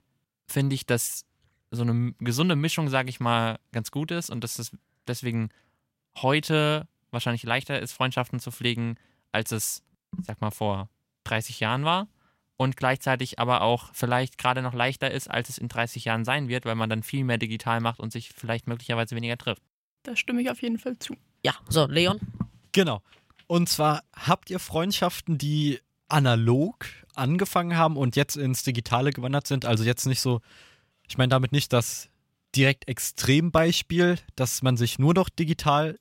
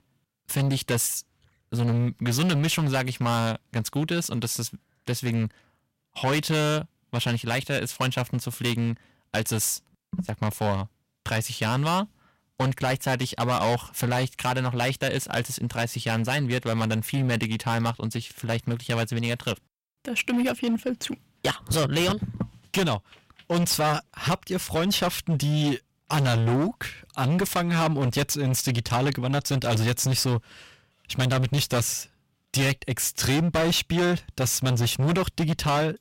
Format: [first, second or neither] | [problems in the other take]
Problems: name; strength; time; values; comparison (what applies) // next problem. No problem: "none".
first | distortion; heavy; 15% of the sound clipped